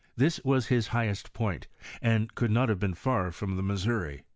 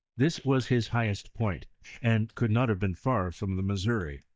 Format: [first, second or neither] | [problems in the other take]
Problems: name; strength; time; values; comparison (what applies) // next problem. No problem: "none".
first | noise reduction (neural mask model DeepFilterNet 3)